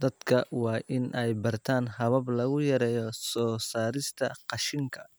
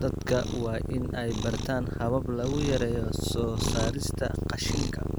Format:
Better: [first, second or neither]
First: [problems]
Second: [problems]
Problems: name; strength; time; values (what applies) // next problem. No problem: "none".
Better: first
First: none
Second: background sound (Cat); as loud as the speech